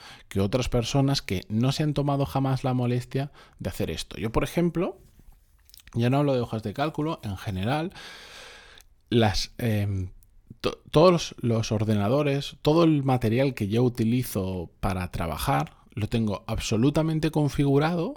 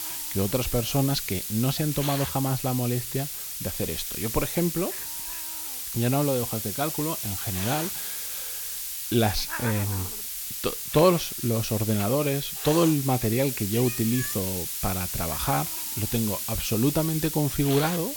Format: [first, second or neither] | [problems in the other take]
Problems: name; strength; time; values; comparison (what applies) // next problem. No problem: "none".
first | hiss; loud; throughout; 3 dB below the speech